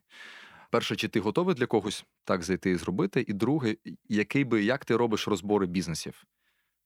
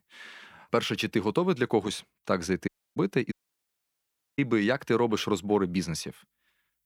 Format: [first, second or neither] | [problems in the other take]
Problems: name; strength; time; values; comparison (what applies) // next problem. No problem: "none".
first | audio cutting out; at 2.5 s and at 3.5 s for 1 s